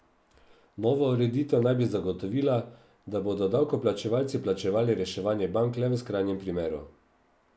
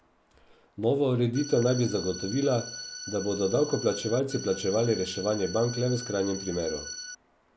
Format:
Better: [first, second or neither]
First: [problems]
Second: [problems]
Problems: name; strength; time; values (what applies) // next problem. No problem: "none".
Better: first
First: none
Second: background sound (Organ); 12 dB below the speech